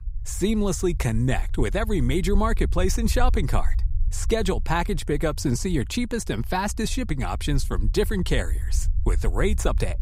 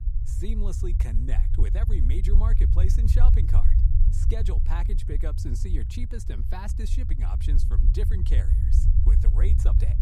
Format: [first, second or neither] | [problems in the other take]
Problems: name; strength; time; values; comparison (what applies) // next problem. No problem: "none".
first | low rumble; loud; throughout; 2 dB below the speech; faint in the first